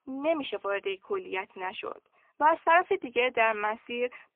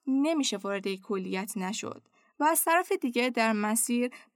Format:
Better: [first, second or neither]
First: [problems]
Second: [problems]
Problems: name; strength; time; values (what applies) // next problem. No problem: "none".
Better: second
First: phone-call audio; poor line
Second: none